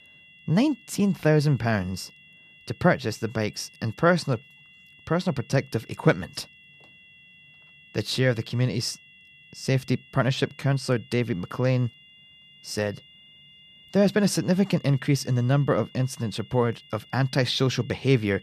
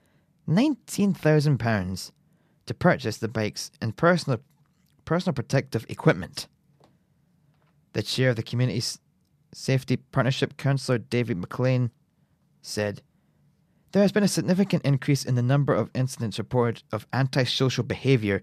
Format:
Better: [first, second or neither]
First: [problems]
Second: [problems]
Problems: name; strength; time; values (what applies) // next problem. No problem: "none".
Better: second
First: high-pitched whine; faint; throughout; 3 kHz, 25 dB below the speech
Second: none